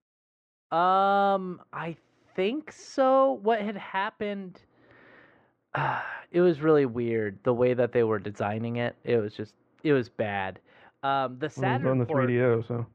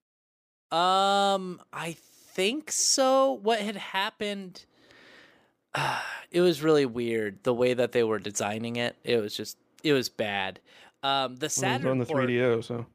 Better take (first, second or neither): second